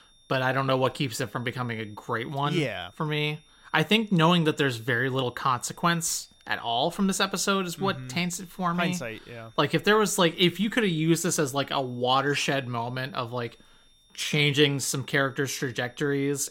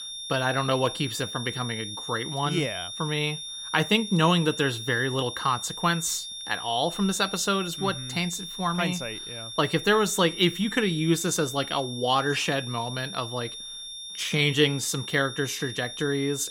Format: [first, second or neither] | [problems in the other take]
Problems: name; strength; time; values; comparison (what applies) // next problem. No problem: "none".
first | high-pitched whine; loud; throughout; 3.5 kHz, 9 dB below the speech; faint in the first